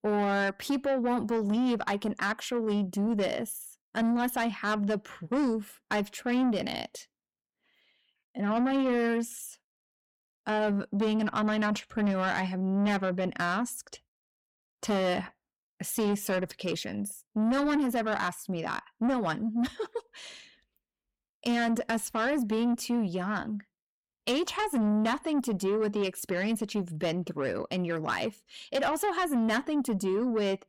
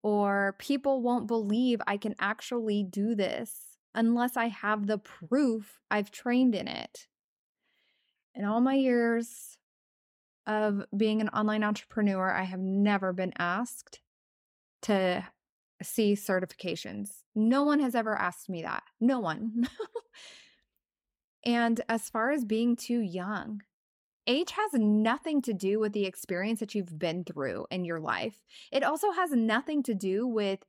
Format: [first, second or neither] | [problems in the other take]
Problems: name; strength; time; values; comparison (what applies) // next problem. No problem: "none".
second | distortion; slight; 10 dB below the speech